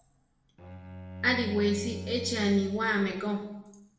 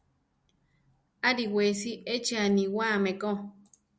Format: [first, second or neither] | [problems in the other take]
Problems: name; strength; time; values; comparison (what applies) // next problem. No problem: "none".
second | background sound (Bowed string instrument); 12 dB below the speech // room echo; dies away in 0.8 s